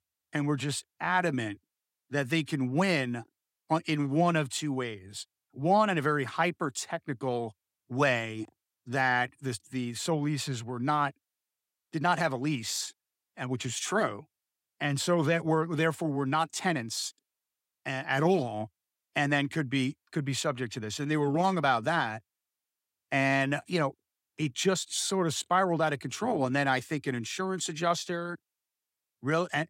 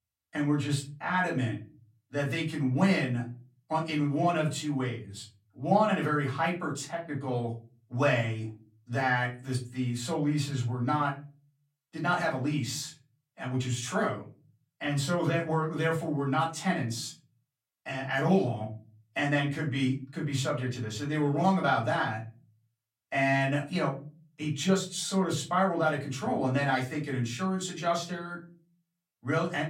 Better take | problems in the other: first | off-mic speech; far // room echo; very slight; dies away in 0.4 s

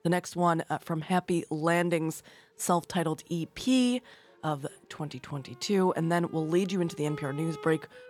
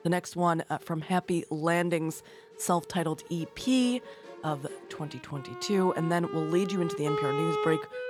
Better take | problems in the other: first | background music; loud; throughout; 6 dB below the speech; faint in the first

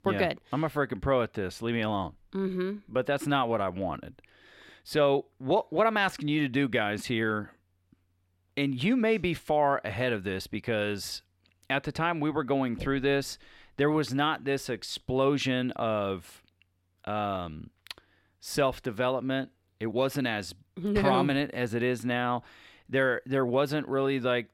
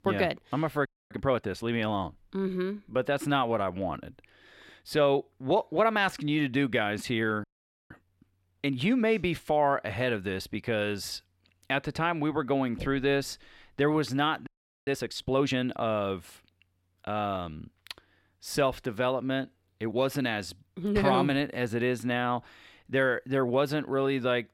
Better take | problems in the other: first | audio freezing; at 1 s, at 7.5 s and at 14 s

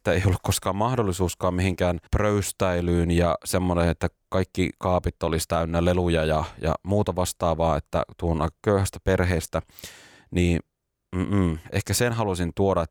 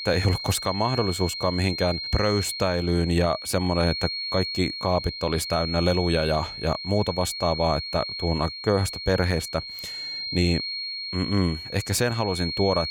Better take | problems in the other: first | high-pitched whine; loud; throughout; 4.5 kHz, 5 dB below the speech

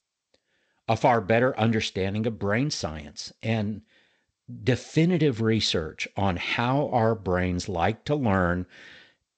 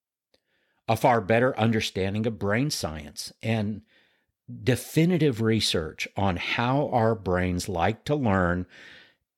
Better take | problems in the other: second | garbled, watery; slightly; nothing above 8 kHz

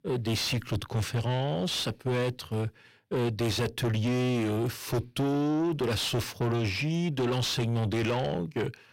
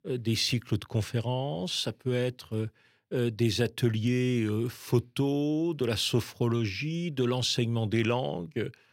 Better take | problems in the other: second | distortion; heavy; 6 dB below the speech

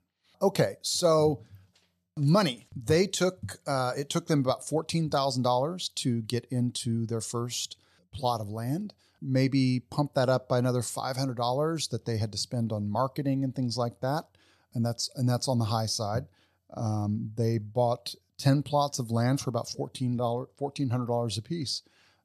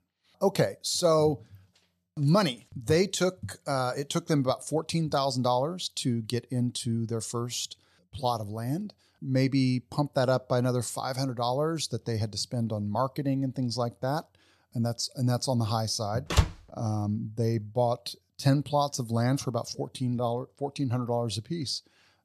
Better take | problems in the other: first | door banging; loud; at 16 s; peak 1 dB above the speech

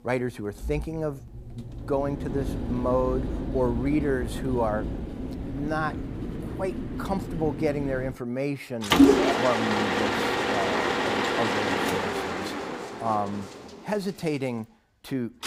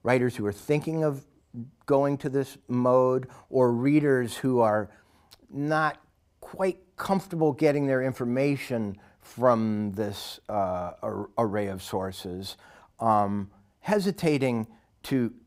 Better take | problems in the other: second | machinery noise; very loud; throughout; 3 dB above the speech

